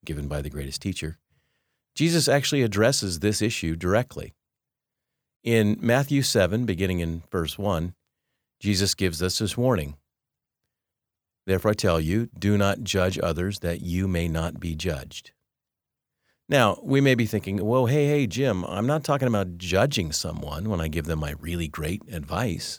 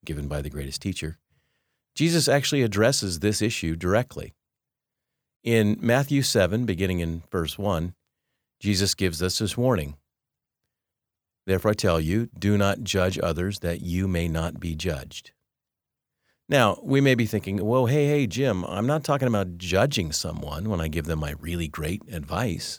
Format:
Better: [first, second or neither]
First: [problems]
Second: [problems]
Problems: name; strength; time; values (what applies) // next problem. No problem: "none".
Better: neither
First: none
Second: none